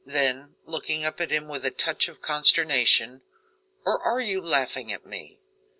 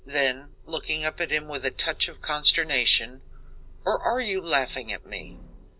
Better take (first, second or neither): first